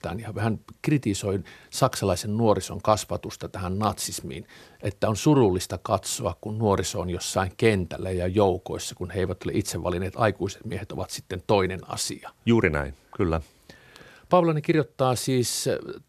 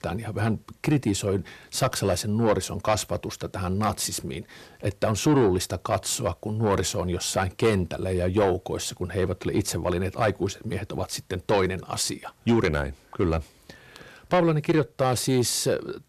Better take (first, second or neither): first